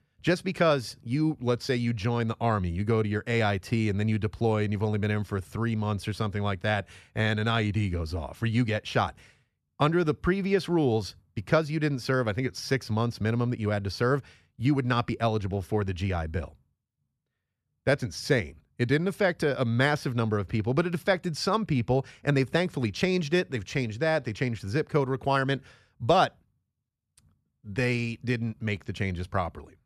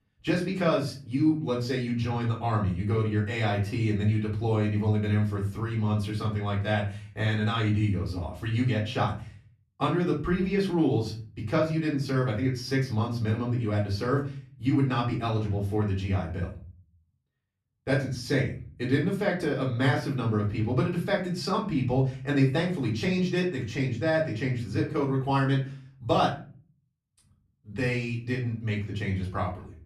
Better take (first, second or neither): first